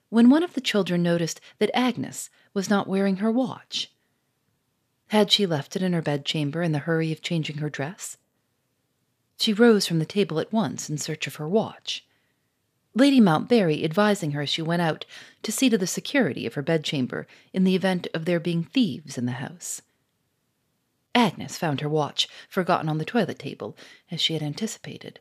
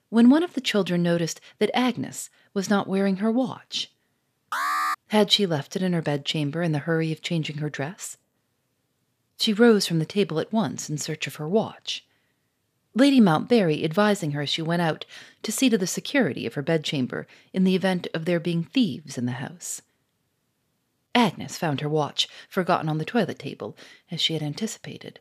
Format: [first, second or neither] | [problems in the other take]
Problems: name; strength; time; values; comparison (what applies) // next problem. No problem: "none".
first | alarm; noticeable; at 4.5 s; peak level with the speech